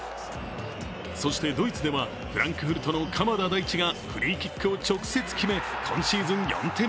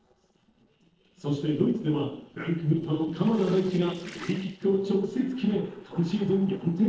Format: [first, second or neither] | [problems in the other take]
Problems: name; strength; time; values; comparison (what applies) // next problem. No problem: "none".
first | noise reduction (neural separator model SepFormer DNS4)